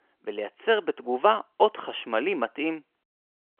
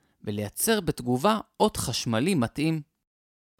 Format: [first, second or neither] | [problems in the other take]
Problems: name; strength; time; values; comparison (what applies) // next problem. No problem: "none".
second | phone-call audio; nothing above 3 kHz